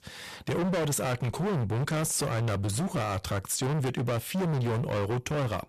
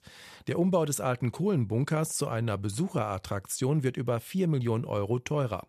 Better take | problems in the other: second | distortion; heavy; 37% of the sound clipped

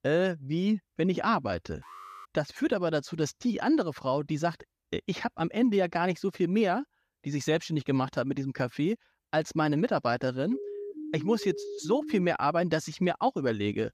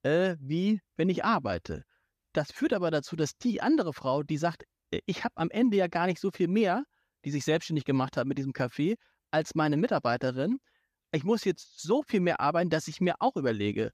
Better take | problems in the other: second | alarm; faint; at 2 s; peak 15 dB below the speech // siren; noticeable; from 11 to 12 s; peak 9 dB below the speech

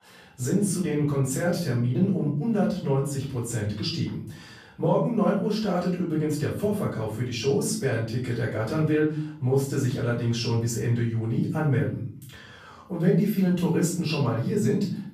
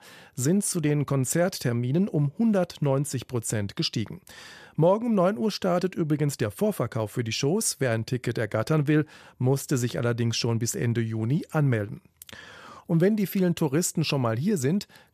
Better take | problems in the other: second | off-mic speech; far // room echo; noticeable; dies away in 0.6 s

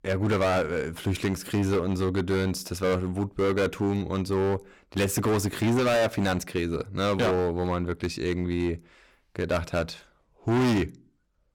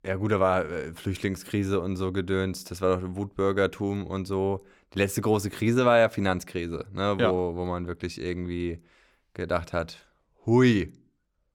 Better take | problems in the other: second | distortion; heavy; 14% of the sound clipped

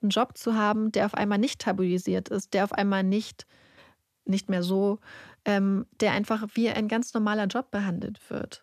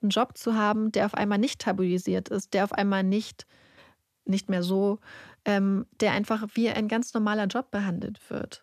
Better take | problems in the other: neither | none

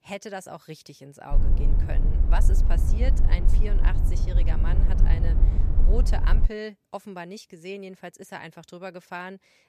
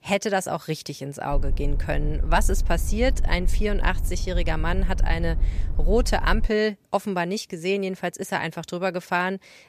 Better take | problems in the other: second | low rumble; loud; from 1.5 to 6.5 s; 5 dB below the speech; faint in the second

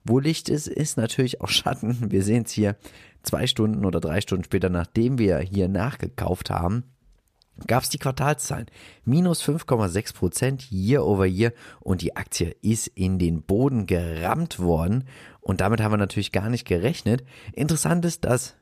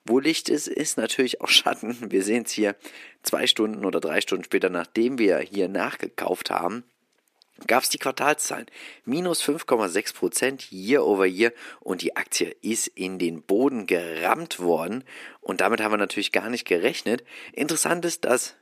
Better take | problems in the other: first | thin; somewhat; fading below 300 Hz

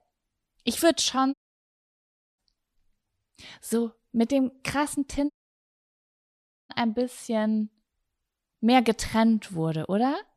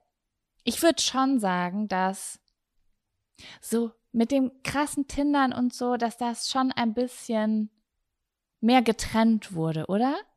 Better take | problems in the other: second | audio cutting out; at 1.5 s for 1 s and at 5.5 s for 1.5 s

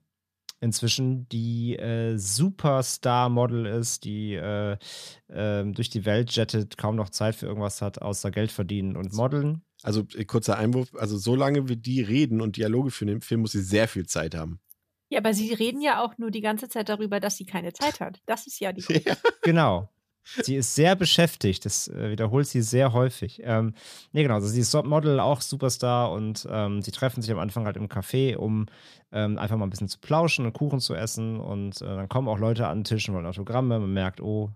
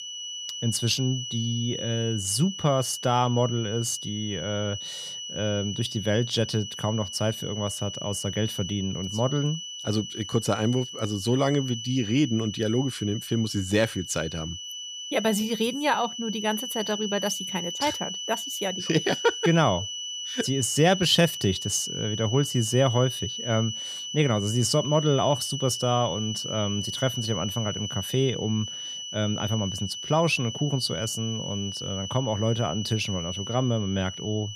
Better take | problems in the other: first | high-pitched whine; loud; throughout; 3 kHz, 6 dB below the speech

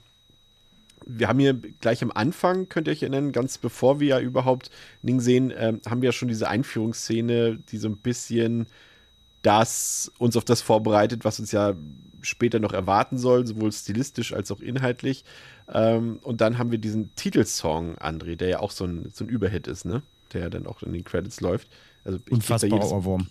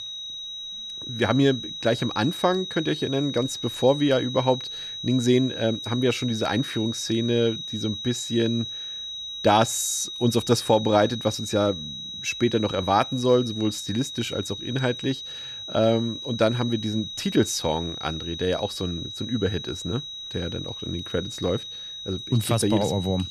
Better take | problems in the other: first | high-pitched whine; loud; throughout; 4 kHz, 8 dB below the speech; faint in the first

